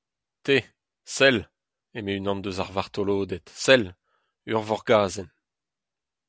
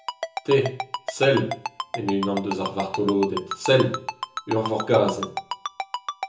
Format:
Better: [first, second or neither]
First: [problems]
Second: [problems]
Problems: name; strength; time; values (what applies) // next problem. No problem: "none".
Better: first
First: none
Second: background sound (Ringtone); 7 dB below the speech // room echo; dies away in 0.6 s